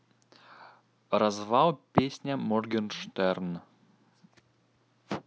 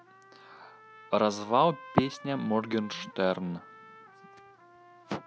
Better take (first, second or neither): first